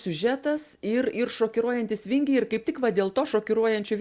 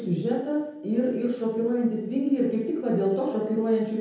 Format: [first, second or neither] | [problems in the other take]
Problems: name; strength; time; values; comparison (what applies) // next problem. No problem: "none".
first | room echo; dies away in 0.9 s